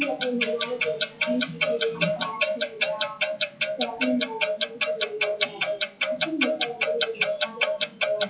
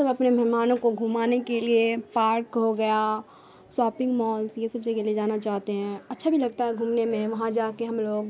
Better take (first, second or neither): second